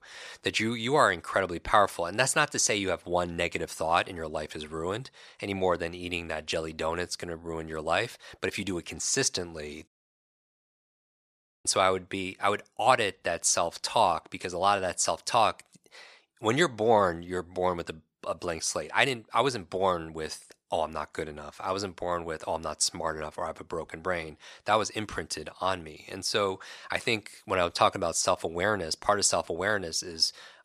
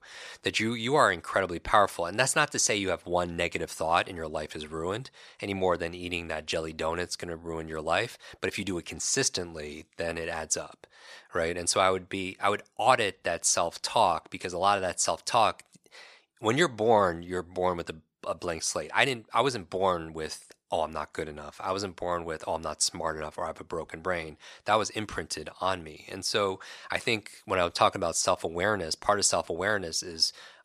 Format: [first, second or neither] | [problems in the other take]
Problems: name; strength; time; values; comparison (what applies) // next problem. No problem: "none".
second | audio cutting out; at 10 s for 2 s